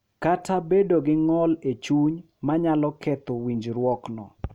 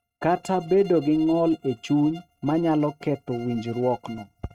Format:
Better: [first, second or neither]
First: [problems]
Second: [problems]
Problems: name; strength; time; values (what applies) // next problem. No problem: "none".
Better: first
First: none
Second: noise reduction (neural mask model RNNoise)